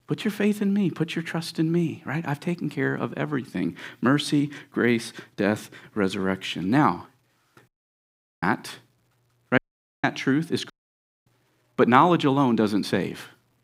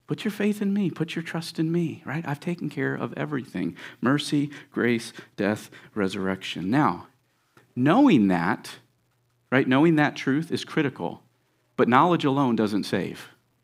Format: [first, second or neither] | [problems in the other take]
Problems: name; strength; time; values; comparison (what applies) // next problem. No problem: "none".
second | audio cutting out; at 7.5 s for 0.5 s, at 9.5 s and at 11 s for 0.5 s